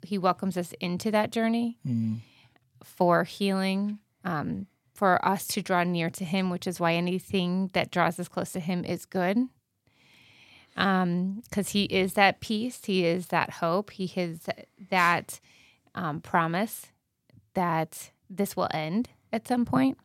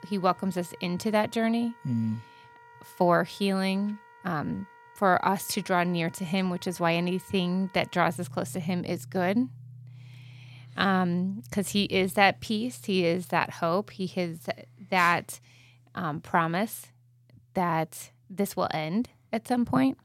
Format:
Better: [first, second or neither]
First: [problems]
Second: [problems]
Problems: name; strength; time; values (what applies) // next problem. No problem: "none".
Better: first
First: none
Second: background music; faint; throughout; 25 dB below the speech